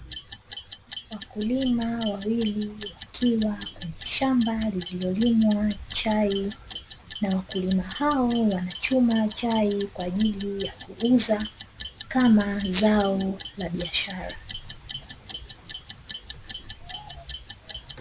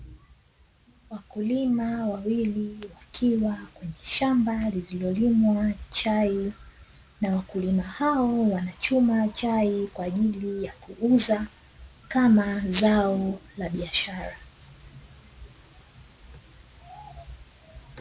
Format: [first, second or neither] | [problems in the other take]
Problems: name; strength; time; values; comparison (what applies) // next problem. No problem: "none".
second | background sound (Clock); 15 dB below the speech